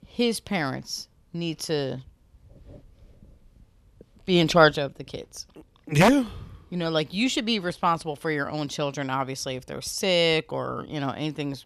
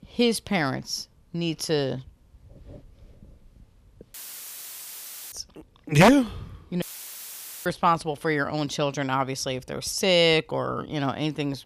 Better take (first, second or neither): first